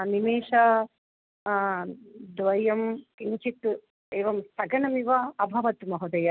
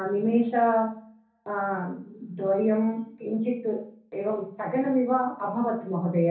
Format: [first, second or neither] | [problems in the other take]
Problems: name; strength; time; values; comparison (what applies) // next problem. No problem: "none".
first | room echo; dies away in 0.6 s